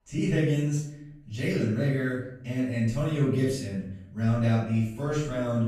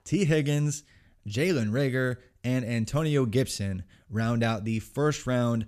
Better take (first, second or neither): second